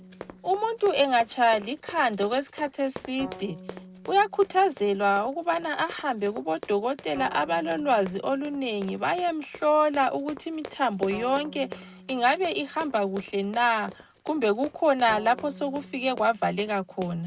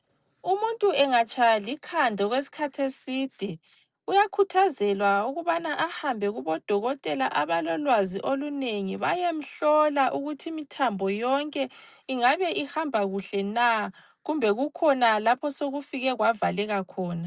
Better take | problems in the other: second | background sound (Run + Bowed string instrument); 18 dB below the speech

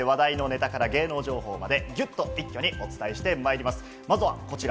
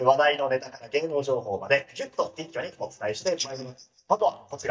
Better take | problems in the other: first | noise reduction (neural mask model DeepFilterNet 3)

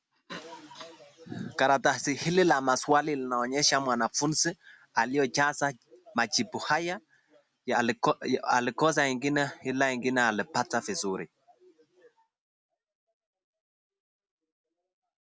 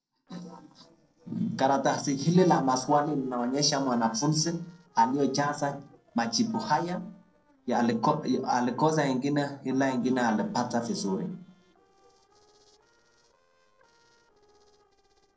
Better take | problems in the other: first | noise reduction (neural separator model SepFormer DNS4)

